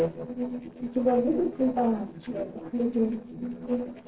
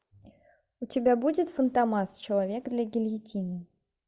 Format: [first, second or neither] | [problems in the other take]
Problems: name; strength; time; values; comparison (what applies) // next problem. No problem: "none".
second | noise reduction (neural separator model SepFormer DNS4)